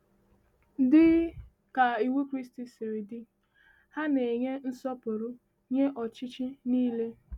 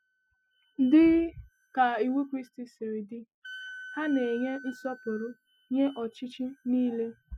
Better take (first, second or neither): first